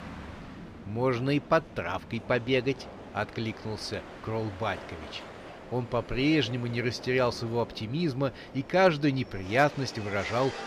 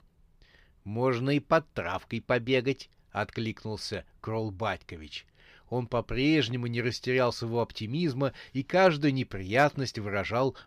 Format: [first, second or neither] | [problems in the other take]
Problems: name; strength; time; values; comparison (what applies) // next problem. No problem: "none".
second | train or aircraft noise; noticeable; throughout; 15 dB below the speech